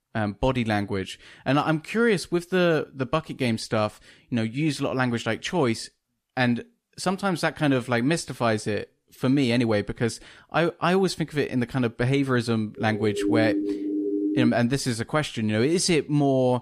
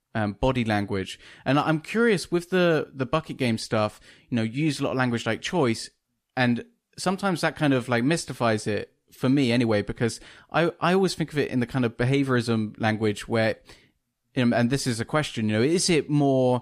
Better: second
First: siren; loud; from 13 to 14 s; peak level with the speech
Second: none

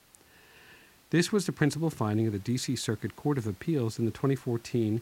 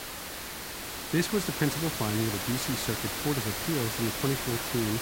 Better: first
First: hiss; faint; throughout; 25 dB below the speech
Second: hiss; loud; throughout; 1 dB below the speech

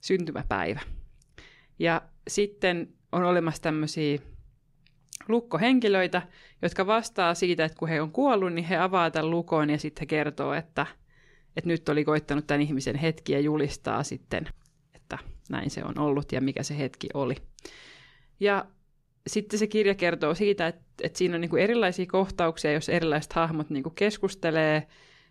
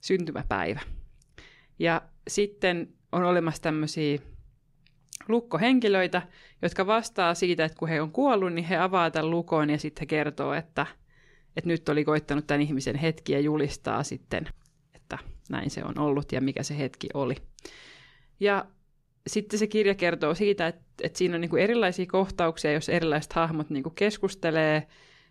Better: neither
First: none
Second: none

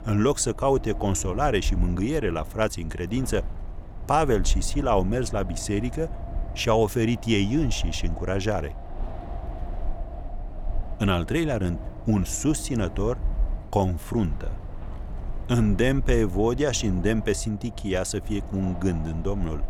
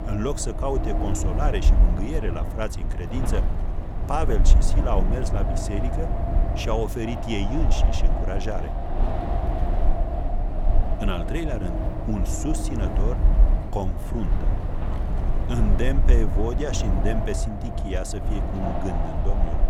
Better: first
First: wind noise on the microphone; occasional gusts; 15 dB below the speech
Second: wind noise on the microphone; heavy; 2 dB below the speech

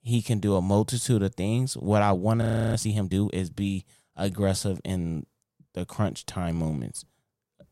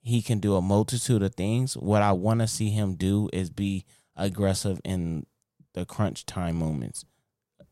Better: second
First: audio freezing; at 2.5 s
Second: none

